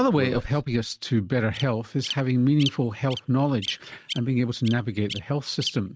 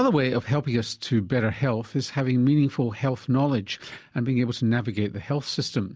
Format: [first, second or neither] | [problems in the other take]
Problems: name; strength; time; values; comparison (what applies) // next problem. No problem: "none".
second | noise reduction (neural mask model RNNoise)